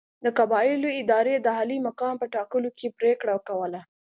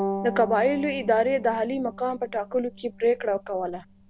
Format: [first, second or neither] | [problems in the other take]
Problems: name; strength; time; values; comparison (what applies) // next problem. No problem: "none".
first | background sound (Bowed string instrument); 11 dB below the speech